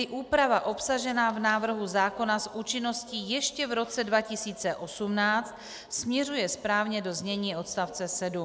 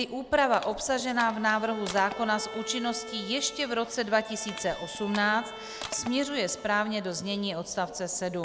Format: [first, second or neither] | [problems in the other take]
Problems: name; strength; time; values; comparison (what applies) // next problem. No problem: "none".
first | background sound (Bowed string instrument + Crushing); 14 dB below the speech